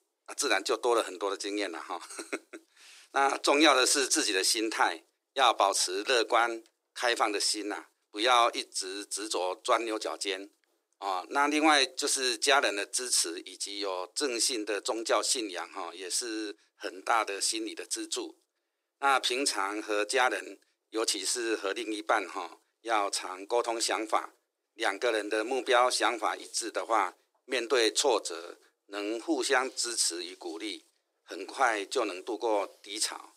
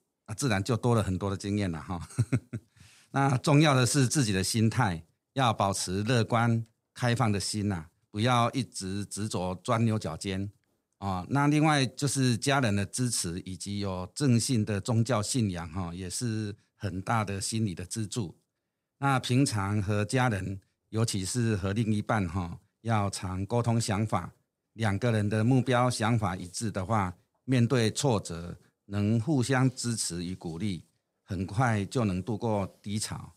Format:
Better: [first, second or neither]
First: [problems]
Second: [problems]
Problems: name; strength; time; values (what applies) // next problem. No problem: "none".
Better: second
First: thin; very; fading below 300 Hz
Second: none